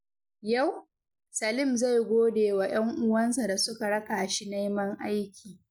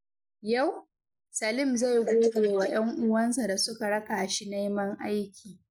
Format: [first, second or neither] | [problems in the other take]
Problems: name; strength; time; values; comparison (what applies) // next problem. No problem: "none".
first | noise reduction (neural mask model Resemble Enhance denoiser)